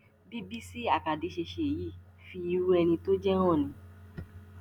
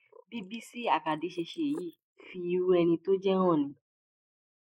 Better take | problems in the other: first | noise reduction (neural mask model Resemble Enhance denoiser)

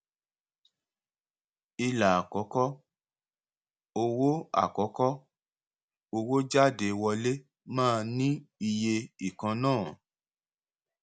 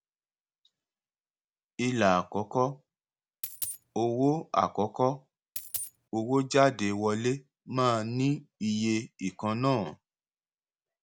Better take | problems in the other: first | background sound (Coin (dropping)); 7 dB below the speech

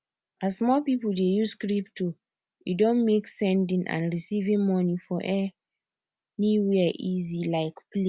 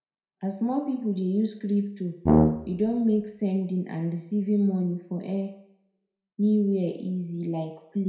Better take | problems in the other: first | background sound (Brass instrument); 3 dB above the speech // room echo; dies away in 0.5 s

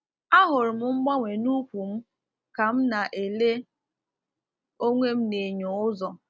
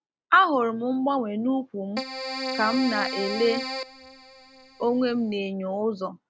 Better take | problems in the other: first | background sound (Keyboard (musical)); 7 dB below the speech

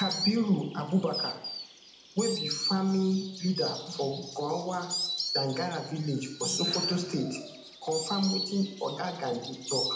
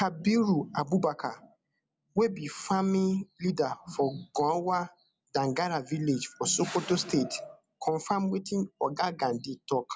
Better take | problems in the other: second | background sound (Insect); 5 dB below the speech // room echo; dies away in 0.7 s

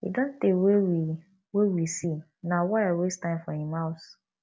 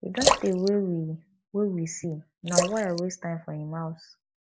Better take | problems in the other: first | noise reduction (neural mask model Resemble Enhance denoiser)

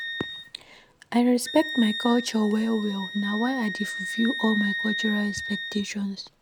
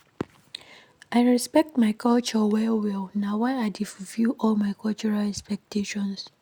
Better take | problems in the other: second | background sound (Wind instrument, woodwind instrument); 8 dB below the speech

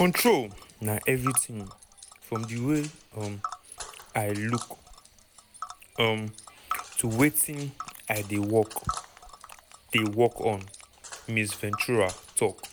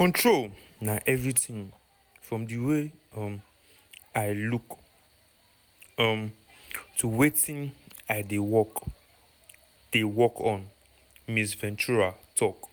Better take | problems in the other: second | background sound (Tick); 13 dB below the speech

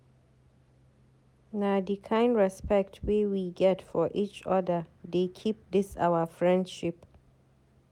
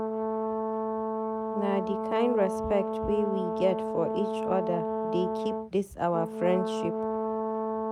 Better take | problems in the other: first | background sound (Brass instrument); as loud as the speech

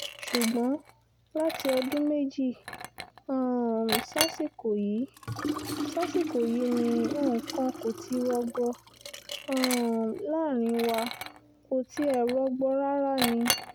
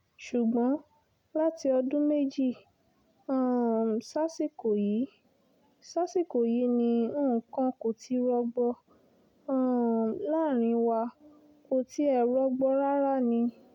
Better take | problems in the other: second | background sound (Liquid); 7 dB below the speech

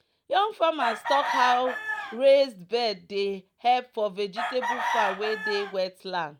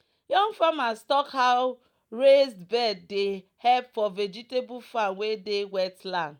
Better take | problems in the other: second | background sound (Chicken, rooster); 5 dB below the speech

